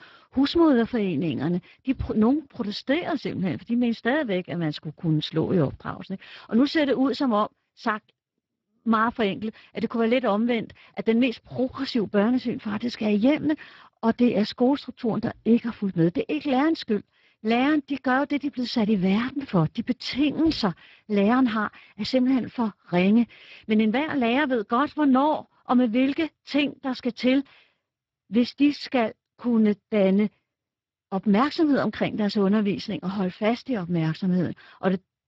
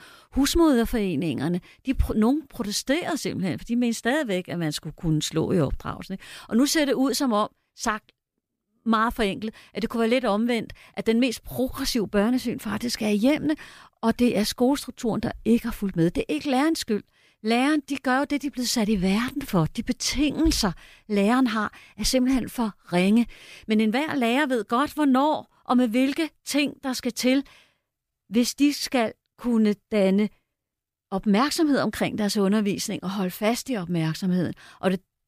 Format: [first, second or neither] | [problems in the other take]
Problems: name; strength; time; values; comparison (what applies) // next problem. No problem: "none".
second | garbled, watery; badly; nothing above 7.5 kHz